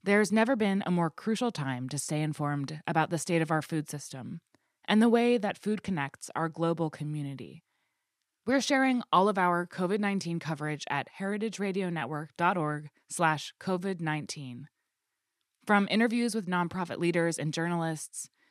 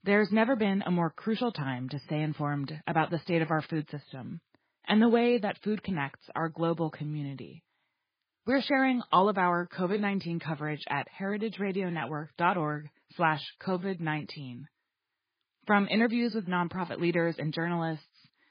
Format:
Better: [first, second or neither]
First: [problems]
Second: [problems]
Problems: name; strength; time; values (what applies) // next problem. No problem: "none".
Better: first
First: none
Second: garbled, watery; badly; nothing above 4 kHz